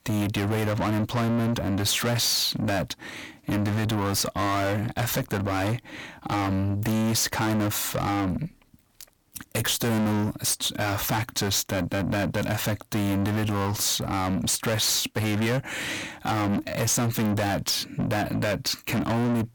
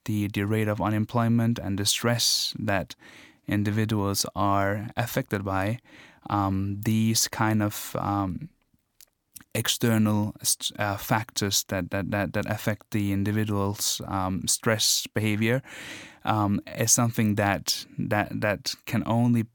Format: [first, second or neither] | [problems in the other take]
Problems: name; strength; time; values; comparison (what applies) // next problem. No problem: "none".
second | distortion; heavy; 5 dB below the speech